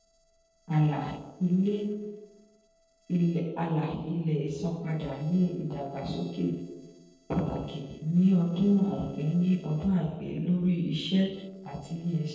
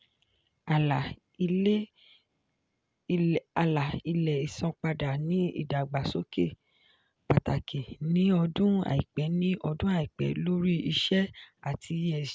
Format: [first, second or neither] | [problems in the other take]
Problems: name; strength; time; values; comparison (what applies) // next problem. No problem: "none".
second | noise reduction (neural separator model SepFormer DNS4)